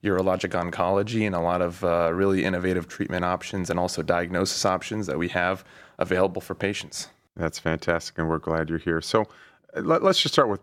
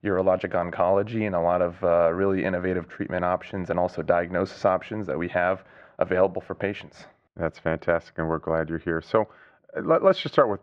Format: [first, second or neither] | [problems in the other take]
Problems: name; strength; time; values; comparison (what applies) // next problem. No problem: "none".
first | muffled; very; fading above 2 kHz